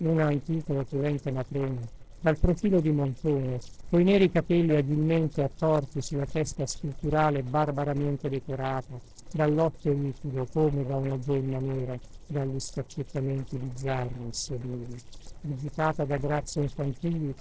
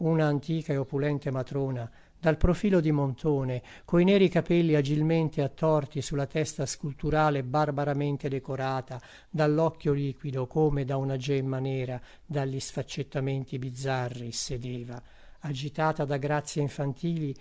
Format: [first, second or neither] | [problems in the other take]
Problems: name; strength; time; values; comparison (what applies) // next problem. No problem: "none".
second | noise reduction (neural separator model SepFormer DNS4)